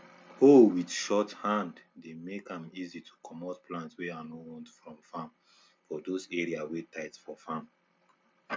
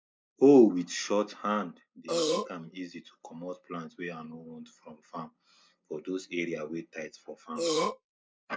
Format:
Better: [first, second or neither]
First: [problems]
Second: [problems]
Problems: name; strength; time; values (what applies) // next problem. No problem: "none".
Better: first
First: none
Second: noise reduction (neural mask model Resemble Enhance denoiser)